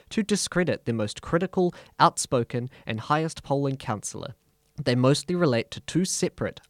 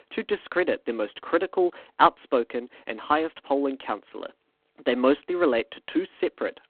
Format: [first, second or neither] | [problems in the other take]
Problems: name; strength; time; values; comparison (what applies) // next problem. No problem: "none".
first | phone-call audio; poor line; nothing above 4 kHz